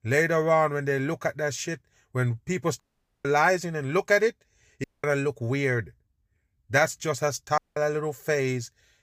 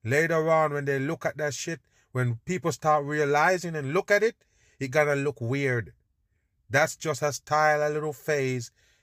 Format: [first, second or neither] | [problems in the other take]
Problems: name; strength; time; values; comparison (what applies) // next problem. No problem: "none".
second | audio cutting out; at 3 s, at 5 s and at 7.5 s